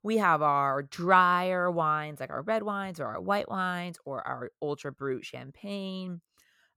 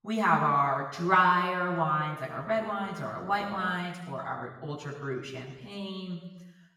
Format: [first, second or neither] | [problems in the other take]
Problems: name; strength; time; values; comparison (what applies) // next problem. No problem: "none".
first | room echo; noticeable; dies away in 1 s // off-mic speech; far